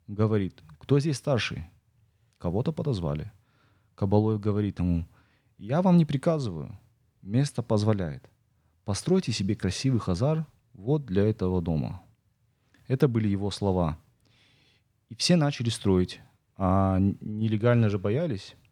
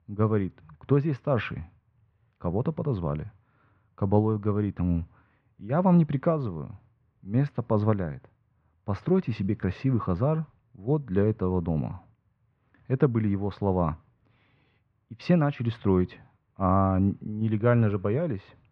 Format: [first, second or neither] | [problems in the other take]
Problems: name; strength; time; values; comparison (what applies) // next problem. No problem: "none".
first | muffled; very; fading above 2 kHz